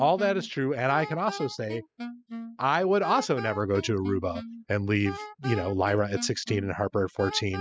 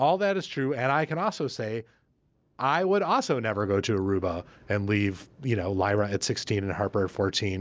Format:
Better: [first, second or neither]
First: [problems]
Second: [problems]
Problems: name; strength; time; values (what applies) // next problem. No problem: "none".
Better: second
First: noise reduction (classical method spectral subtraction)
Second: none